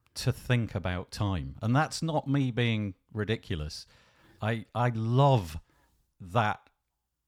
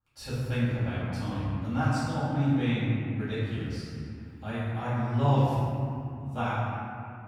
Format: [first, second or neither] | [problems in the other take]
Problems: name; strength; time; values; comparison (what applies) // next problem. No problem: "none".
first | room echo; strong; dies away in 2.6 s // off-mic speech; far